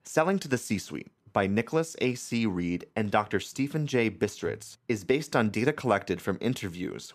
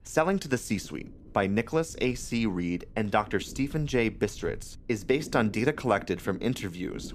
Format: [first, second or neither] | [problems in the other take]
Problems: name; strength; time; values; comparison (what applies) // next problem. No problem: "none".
first | low rumble; faint; throughout; 25 dB below the speech